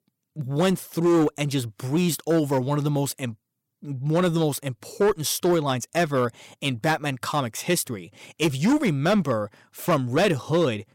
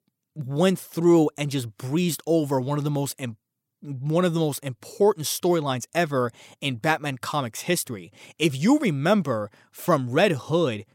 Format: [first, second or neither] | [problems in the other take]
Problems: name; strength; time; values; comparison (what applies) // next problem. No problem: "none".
second | distortion; slight; 6% of the sound clipped